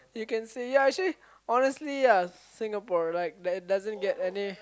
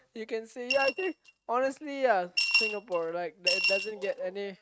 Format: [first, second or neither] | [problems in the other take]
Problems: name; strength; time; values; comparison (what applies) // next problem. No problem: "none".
first | noise reduction (neural mask model RNNoise)